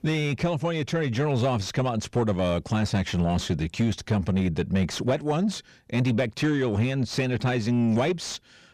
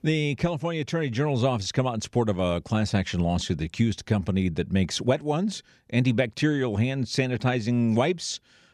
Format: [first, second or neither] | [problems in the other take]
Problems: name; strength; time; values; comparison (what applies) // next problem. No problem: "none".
second | distortion; slight; 10 dB below the speech